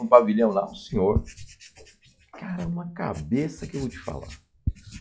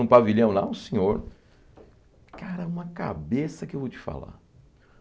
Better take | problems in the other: second | noise reduction (classical method log-MMSE)

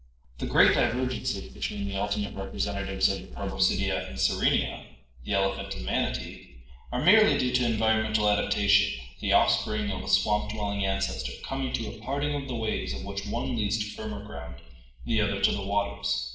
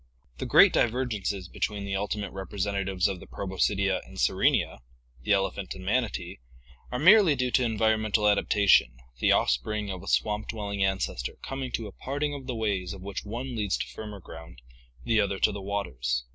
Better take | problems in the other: second | noise reduction (neural separator model SepFormer DNS4)

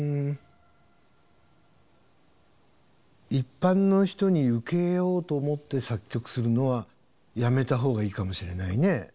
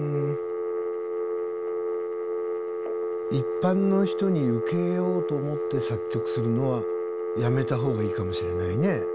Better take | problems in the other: first | background sound (Telephone); 1 dB below the speech

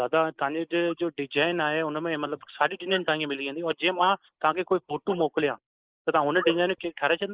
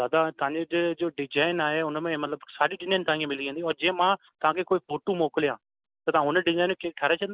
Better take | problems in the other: second | noise reduction (neural mask model Resemble Enhance denoiser)

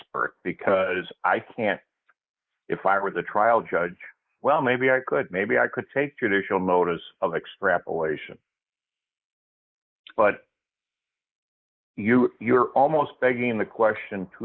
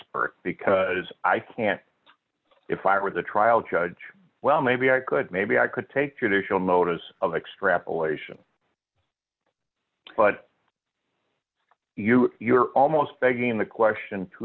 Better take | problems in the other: second | noise reduction (neural mask model Resemble Enhance denoiser)

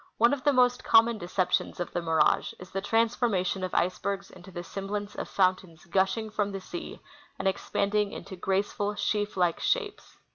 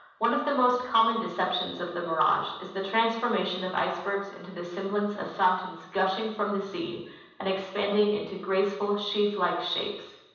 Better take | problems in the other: first | room echo; dies away in 0.9 s

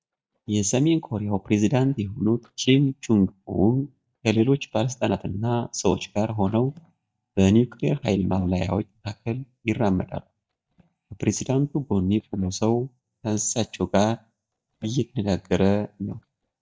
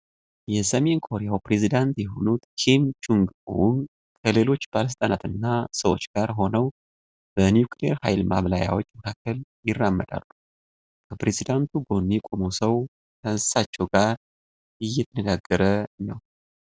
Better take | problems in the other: second | noise reduction (neural mask model DeepFilterNet 3)

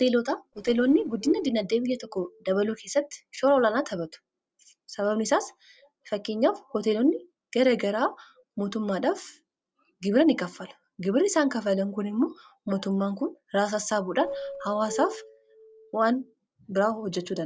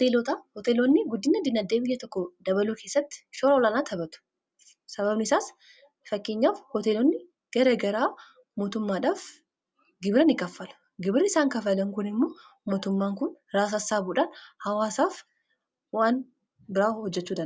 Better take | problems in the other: second | noise reduction (neural separator model SepFormer DNS4)

